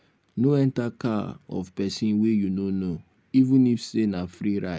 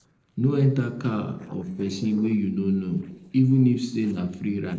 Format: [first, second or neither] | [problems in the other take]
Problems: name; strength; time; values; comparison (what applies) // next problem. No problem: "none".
first | noise reduction (neural separator model SepFormer DNS4)